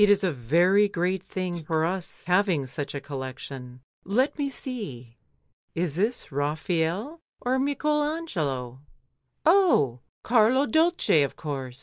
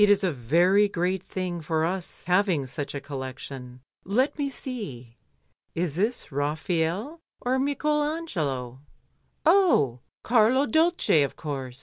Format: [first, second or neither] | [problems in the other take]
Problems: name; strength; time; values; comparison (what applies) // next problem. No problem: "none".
second | noise reduction (neural mask model Resemble Enhance denoiser)